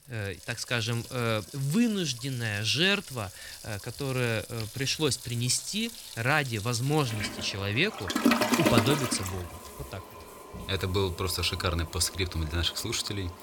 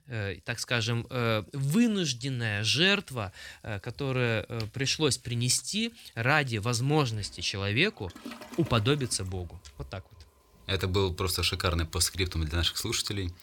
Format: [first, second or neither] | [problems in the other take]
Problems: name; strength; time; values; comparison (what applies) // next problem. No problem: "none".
second | household noises; loud; throughout; 5 dB below the speech; faint in the second